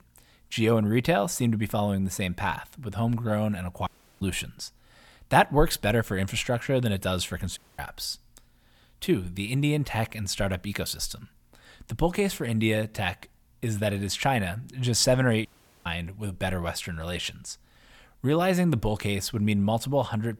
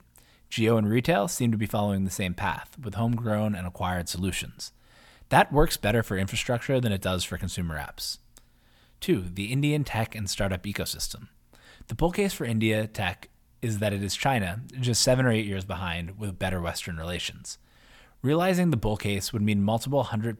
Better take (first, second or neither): second